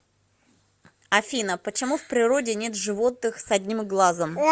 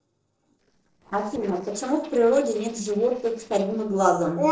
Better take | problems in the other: first | noise reduction (neural separator model SepFormer DNS4)

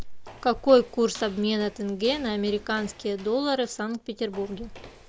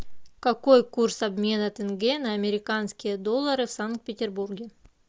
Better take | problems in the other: second | background sound (Walk, footsteps); 20 dB below the speech

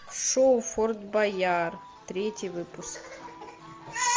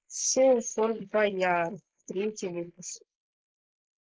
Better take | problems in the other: first | noise reduction (neural mask model Resemble Enhance denoiser)

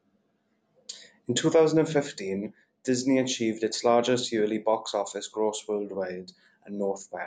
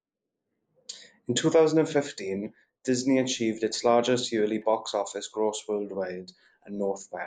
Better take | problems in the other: first | noise reduction (neural mask model Resemble Enhance denoiser)

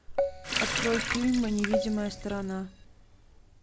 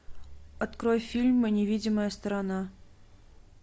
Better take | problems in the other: second | background sound (Keyboard (musical) + Water tap, faucet); 1 dB below the speech

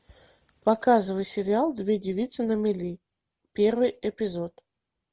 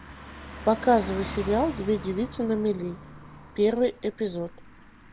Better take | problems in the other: first | background sound (Car passing by); 13 dB below the speech

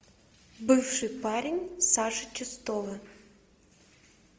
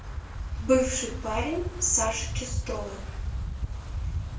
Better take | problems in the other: first | background sound (Wind); 3 dB below the speech // room echo; dies away in 0.2 s

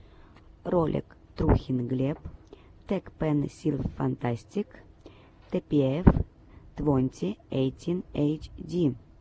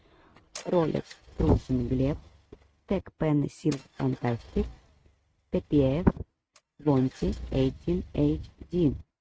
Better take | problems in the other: first | noise reduction (neural mask model RNNoise)

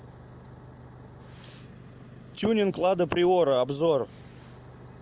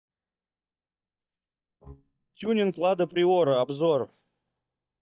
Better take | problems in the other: first | noise reduction (neural mask model DeepFilterNet 3)

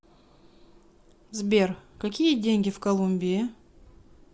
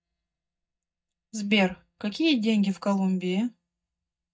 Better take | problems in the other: first | noise reduction (neural mask model DeepFilterNet 3)

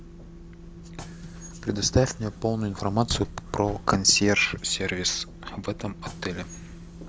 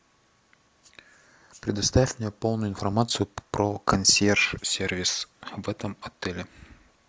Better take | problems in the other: second | background sound (Bus / Engine); 13 dB below the speech

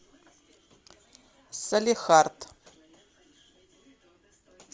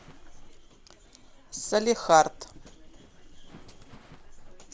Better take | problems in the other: first | background sound (Livestock, farm animals, working animals); 17 dB below the speech

